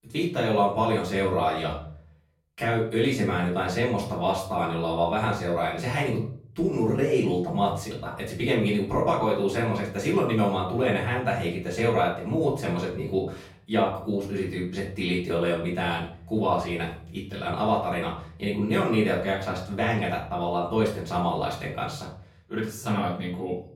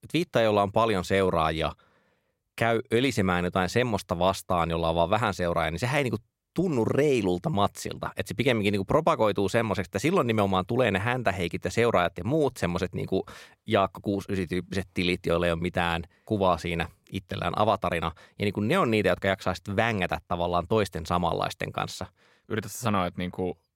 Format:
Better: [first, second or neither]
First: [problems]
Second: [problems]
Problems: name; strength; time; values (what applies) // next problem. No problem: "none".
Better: second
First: room echo; slight; dies away in 0.5 s // off-mic speech; far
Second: none